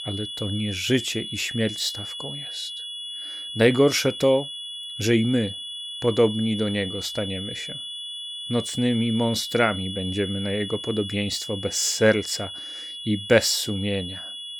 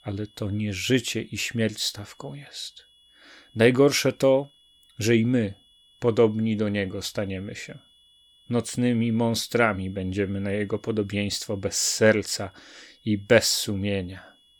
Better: second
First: high-pitched whine; loud; throughout; 3.5 kHz, 8 dB below the speech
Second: high-pitched whine; faint; throughout; 3.5 kHz, 30 dB below the speech

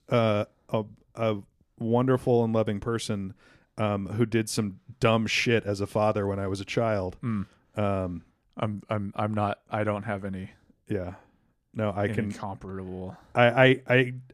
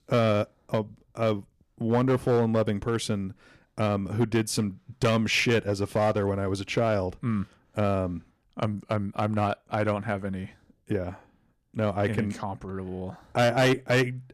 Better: first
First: none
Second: distortion; slight; 4% of the sound clipped

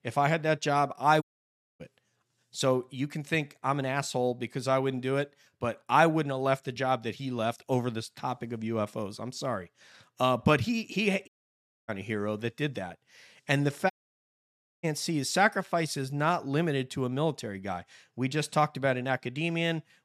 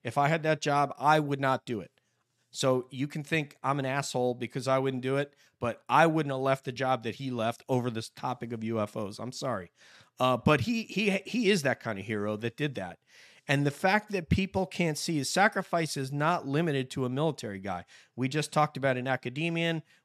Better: second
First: audio cutting out; at 1 s for 0.5 s, at 11 s for 0.5 s and at 14 s for 1 s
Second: none

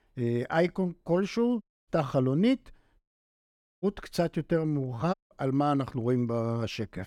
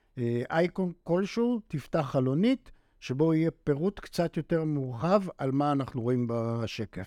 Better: second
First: audio cutting out; at 1.5 s, at 3 s for 1 s and at 5 s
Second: none

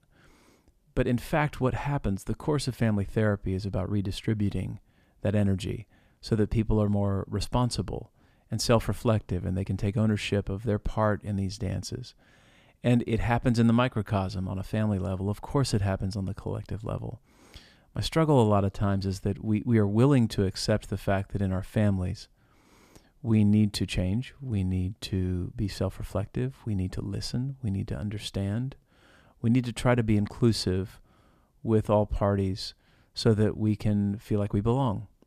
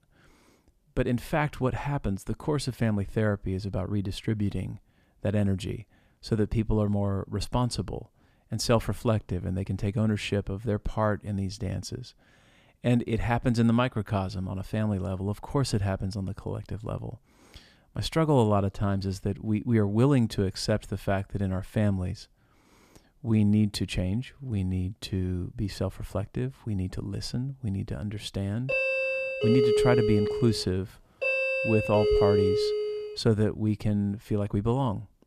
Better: first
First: none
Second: doorbell; loud; from 29 to 33 s; peak 6 dB above the speech

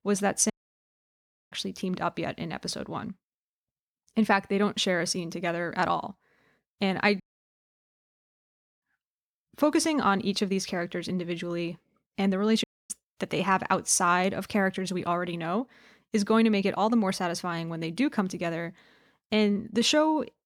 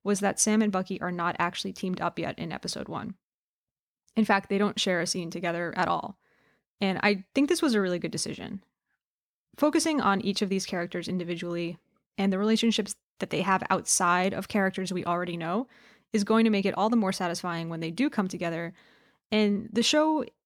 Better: second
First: audio cutting out; at 0.5 s for 1 s, at 7 s for 1.5 s and at 13 s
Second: none

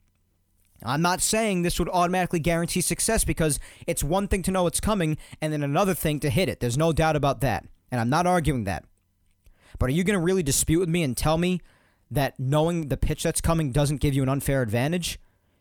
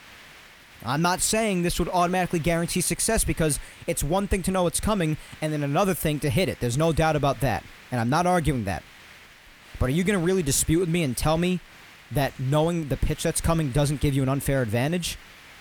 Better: first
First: none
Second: hiss; faint; throughout; 20 dB below the speech

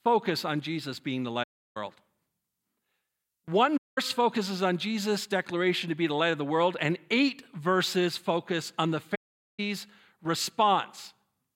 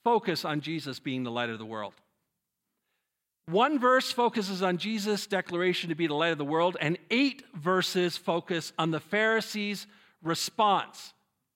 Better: second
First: audio cutting out; at 1.5 s, at 4 s and at 9 s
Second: none

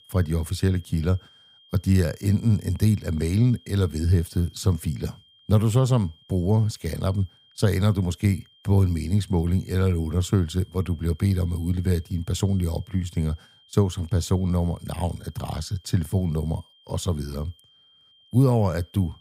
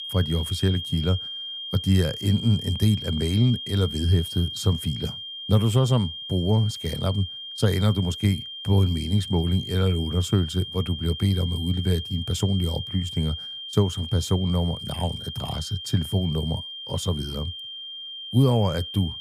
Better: first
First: high-pitched whine; faint; throughout; 3 kHz, 30 dB below the speech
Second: high-pitched whine; loud; throughout; 3 kHz, 8 dB below the speech

